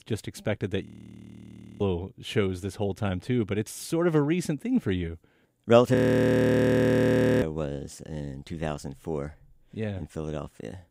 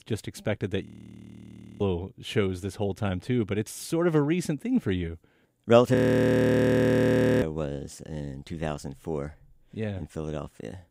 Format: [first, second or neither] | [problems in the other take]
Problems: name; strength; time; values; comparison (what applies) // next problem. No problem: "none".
neither | audio freezing; at 1 s for 1 s and at 6 s for 1.5 s; the same in both